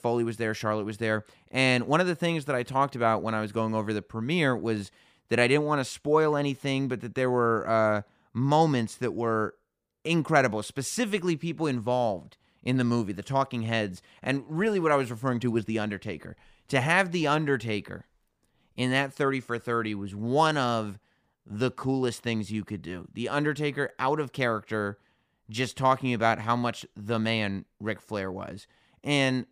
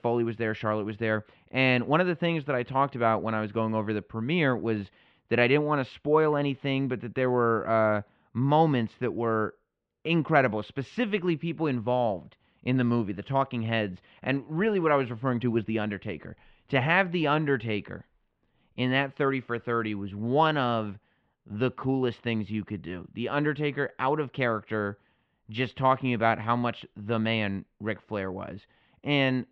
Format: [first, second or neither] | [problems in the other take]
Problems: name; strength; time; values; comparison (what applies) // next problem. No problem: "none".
first | muffled; slightly; fading above 3 kHz